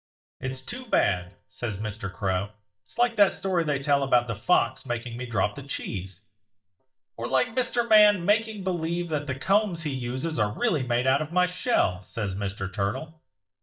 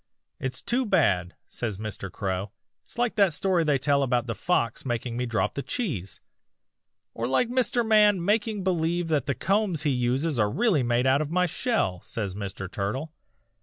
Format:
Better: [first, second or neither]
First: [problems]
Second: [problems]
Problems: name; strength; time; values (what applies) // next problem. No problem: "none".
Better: second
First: noise reduction (neural mask model DeepFilterNet 3)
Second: none